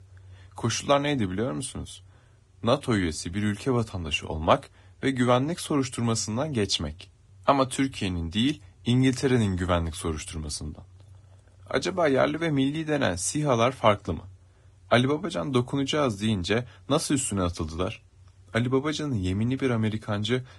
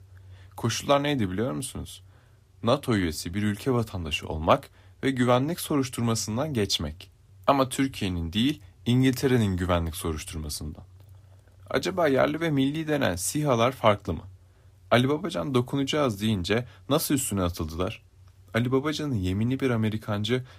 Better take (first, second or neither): second